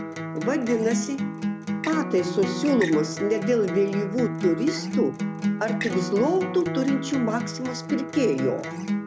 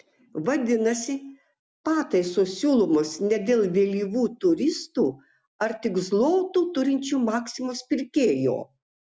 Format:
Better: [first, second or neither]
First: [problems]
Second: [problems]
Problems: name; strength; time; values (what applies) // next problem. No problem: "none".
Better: second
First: background sound (Acoustic guitar); 4 dB below the speech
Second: none